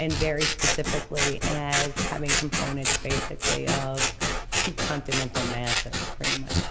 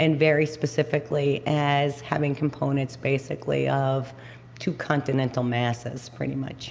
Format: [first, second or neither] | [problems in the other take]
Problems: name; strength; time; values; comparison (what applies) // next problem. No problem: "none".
second | background sound (Scissors); 4 dB above the speech